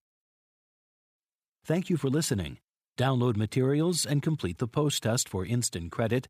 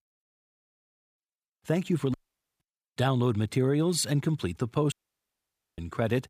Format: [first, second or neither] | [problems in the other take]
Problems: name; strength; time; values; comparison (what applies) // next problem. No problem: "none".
first | audio cutting out; at 2 s and at 5 s for 1 s